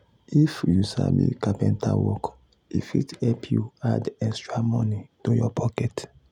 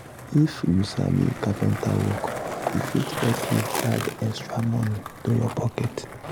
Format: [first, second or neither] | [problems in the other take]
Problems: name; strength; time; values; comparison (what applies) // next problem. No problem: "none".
first | background sound (Skateboard); 8 dB below the speech